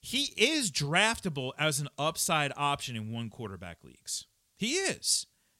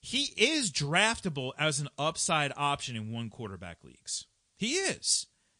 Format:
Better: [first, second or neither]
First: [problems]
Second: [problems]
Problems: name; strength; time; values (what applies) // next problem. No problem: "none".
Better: first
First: none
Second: garbled, watery; slightly; nothing above 8.5 kHz